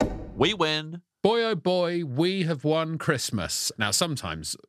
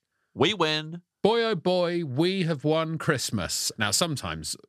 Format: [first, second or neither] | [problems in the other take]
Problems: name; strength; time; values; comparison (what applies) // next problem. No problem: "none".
second | door banging; noticeable; at the start; peak 5 dB below the speech